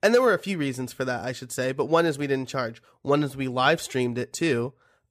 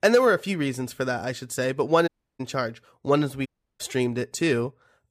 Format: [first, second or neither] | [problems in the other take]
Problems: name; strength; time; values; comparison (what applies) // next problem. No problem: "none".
first | audio cutting out; at 2 s and at 3.5 s